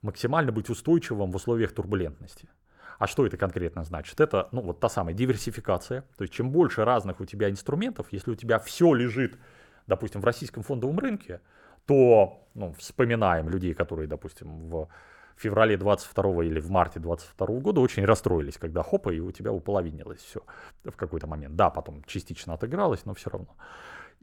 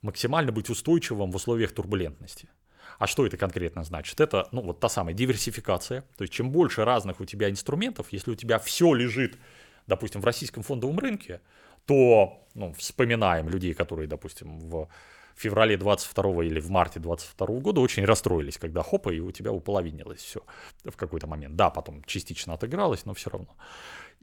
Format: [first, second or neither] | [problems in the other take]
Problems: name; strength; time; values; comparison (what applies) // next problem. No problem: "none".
second | muffled; slightly; fading above 1.5 kHz